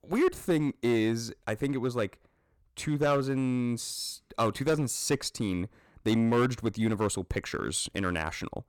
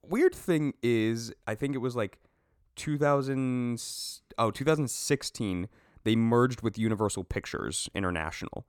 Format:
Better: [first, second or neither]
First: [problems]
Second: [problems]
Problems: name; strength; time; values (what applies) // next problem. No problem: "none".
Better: second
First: distortion; slight; 5% of the sound clipped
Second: none